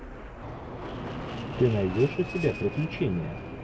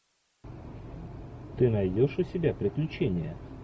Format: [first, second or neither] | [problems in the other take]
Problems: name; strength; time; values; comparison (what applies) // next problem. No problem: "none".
second | background sound (Fixed-wing aircraft, airplane); 9 dB below the speech